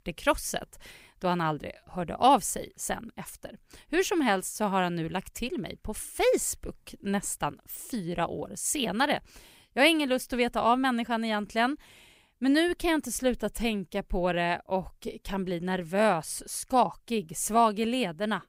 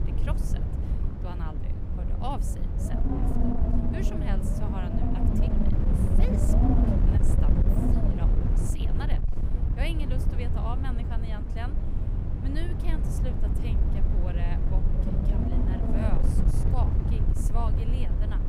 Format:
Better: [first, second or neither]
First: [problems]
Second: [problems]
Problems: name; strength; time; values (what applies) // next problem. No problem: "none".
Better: first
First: none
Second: wind noise on the microphone; heavy; 3 dB above the speech